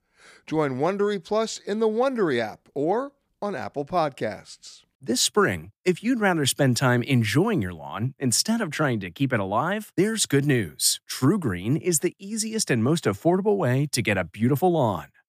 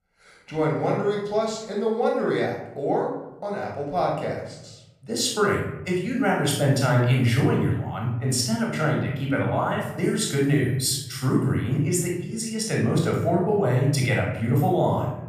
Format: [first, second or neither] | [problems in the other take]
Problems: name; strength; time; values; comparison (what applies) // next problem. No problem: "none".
first | off-mic speech; somewhat distant // room echo; noticeable; dies away in 0.9 s